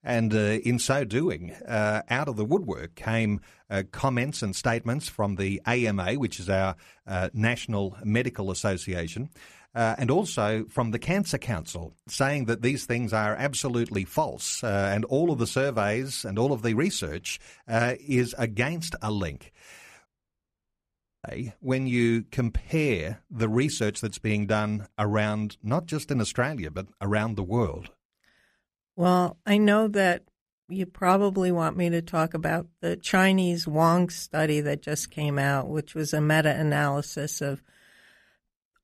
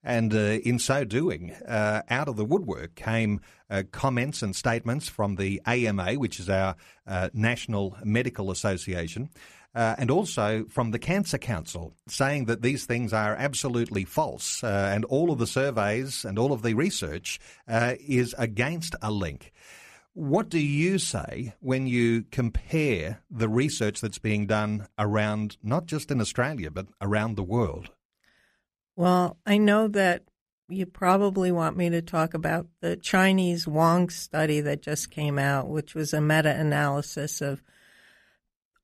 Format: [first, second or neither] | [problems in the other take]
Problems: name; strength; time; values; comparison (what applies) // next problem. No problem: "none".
second | audio cutting out; at 20 s for 1 s